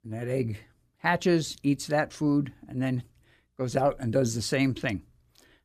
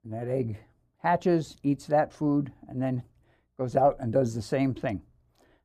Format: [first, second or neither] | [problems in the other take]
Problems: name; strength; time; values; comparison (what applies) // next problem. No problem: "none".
first | muffled; slightly; fading above 1.5 kHz